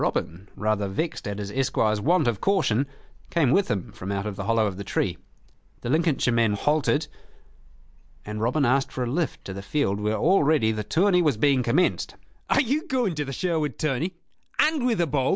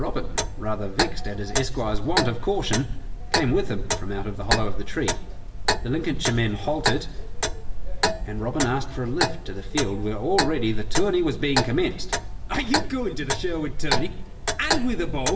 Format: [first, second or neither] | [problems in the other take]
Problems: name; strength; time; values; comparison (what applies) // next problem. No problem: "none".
first | background sound (Clock); 1 dB above the speech // room echo; dies away in 0.7 s